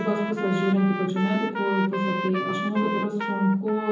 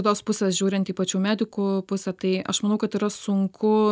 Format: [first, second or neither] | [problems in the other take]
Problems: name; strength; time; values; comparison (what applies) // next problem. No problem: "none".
second | background sound (Trumpet); 6 dB below the speech // room echo; dies away in 0.7 s